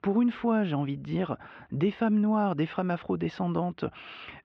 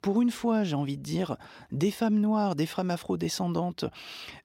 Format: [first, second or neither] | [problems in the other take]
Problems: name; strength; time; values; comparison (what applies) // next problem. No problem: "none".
second | muffled; very; fading above 3 kHz